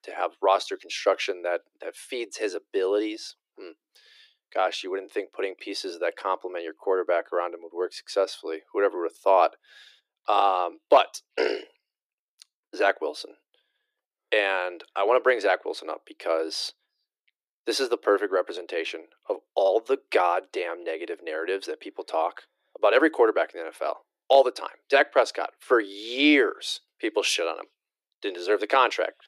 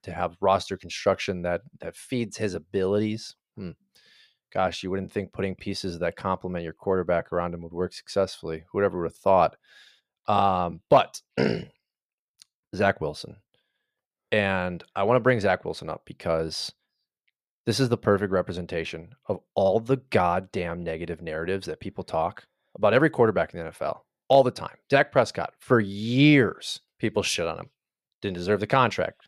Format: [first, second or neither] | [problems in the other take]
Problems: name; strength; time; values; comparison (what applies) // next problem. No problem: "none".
second | thin; somewhat; fading below 300 Hz